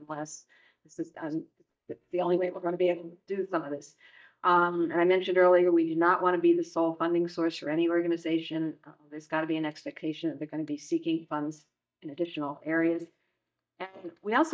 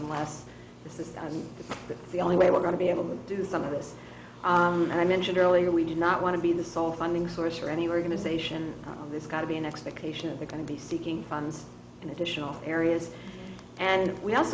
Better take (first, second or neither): second